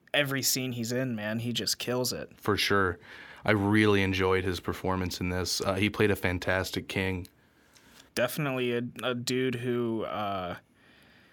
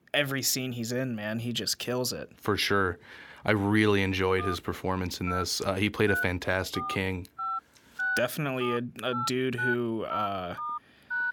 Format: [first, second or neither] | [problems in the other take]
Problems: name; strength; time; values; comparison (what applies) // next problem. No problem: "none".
first | phone ringing; noticeable; from 4.5 s on; peak 1 dB below the speech